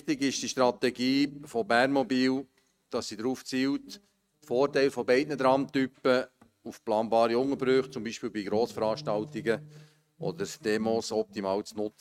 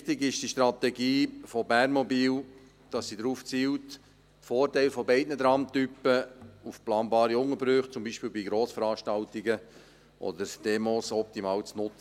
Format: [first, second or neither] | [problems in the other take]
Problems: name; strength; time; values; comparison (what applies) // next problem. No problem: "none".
second | noise reduction (neural mask model RNNoise)